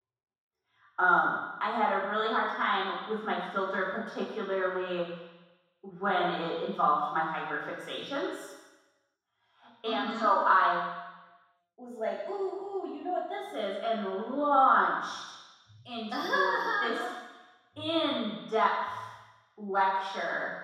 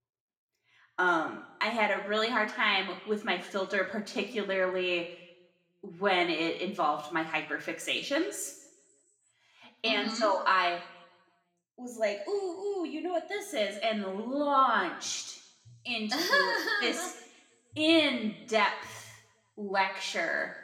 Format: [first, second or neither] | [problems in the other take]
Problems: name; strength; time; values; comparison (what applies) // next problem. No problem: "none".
second | room echo; strong; dies away in 1.2 s; slight in the second // off-mic speech; far; somewhat distant in the second